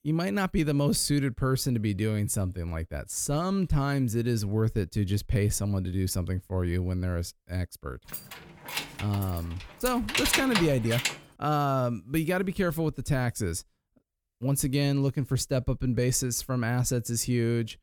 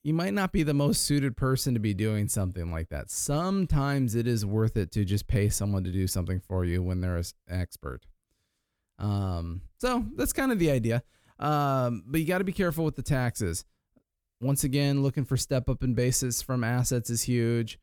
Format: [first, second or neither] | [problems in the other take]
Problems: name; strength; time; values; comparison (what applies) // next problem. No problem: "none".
second | jangling keys; loud; from 8 to 11 s; peak 3 dB above the speech